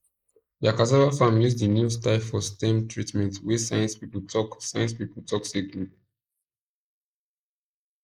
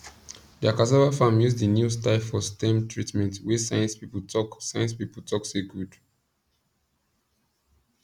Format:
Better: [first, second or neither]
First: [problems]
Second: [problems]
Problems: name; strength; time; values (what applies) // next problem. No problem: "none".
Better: second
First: noise reduction (neural mask model Resemble Enhance denoiser)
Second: none